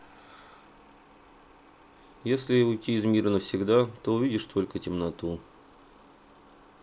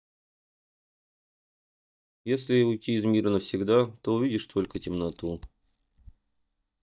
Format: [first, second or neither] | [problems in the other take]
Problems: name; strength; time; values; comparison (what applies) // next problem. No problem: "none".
first | noise reduction (neural mask model DeepFilterNet 3)